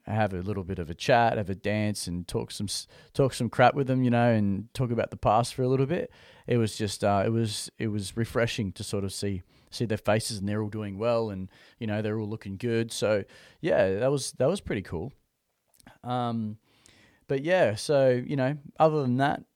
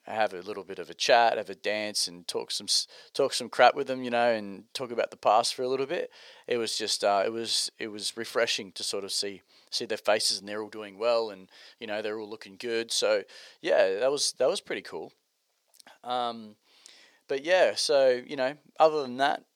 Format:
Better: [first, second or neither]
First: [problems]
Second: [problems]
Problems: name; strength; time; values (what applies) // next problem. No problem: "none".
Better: first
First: none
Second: thin; somewhat; fading below 500 Hz